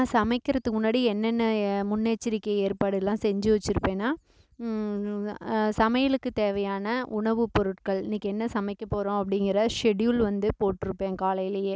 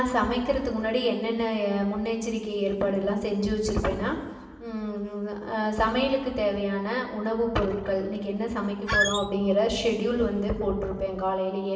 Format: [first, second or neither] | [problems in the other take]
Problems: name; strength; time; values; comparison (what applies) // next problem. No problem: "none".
first | background sound (Squeak); as loud as the speech // room echo; dies away in 1.4 s